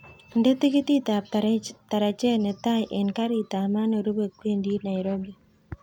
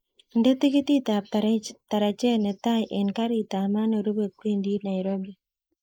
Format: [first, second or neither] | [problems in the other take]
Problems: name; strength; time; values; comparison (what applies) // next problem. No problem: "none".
first | noise reduction (neural mask model Resemble Enhance denoiser)